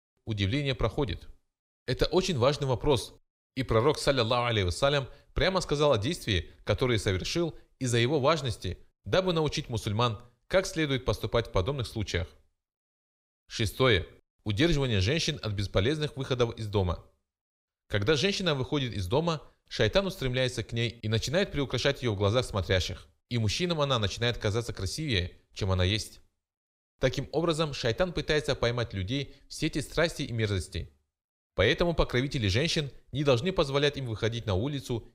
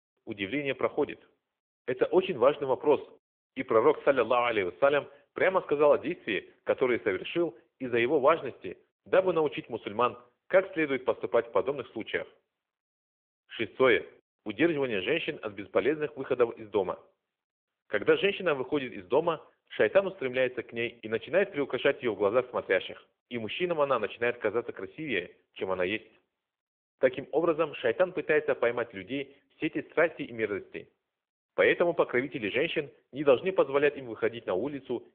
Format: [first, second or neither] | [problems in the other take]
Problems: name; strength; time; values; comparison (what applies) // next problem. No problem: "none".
first | phone-call audio; nothing above 3.5 kHz